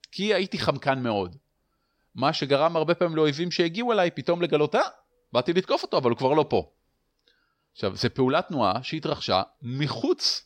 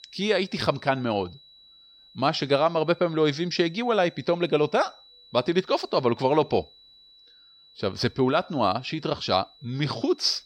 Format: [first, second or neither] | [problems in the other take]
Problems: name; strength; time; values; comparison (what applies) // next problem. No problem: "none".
first | high-pitched whine; faint; throughout; 4 kHz, 25 dB below the speech